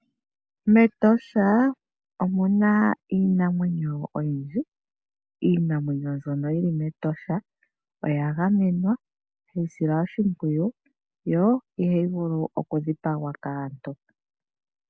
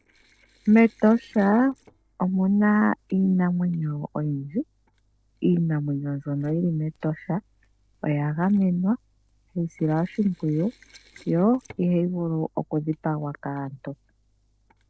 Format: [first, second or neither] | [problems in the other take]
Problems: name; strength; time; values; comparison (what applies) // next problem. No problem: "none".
first | noise reduction (neural separator model SepFormer DNS4)